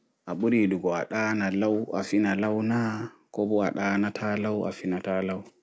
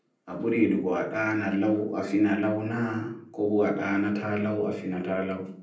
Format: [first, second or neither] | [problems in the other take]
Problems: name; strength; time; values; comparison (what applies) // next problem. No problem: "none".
first | room echo; dies away in 0.6 s